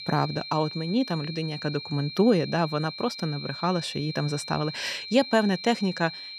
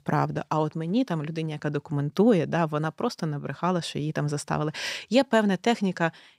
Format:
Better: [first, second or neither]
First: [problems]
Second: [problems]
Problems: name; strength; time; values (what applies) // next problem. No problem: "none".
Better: second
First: high-pitched whine; loud; throughout; 4 kHz, 10 dB below the speech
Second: none